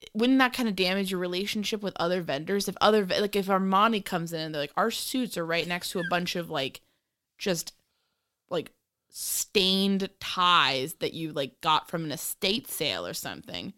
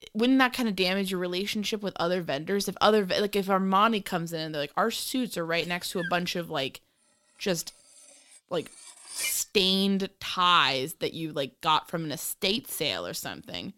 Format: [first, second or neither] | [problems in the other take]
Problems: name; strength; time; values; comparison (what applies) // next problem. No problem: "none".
first | clattering dishes; noticeable; at 9 s; peak 6 dB below the speech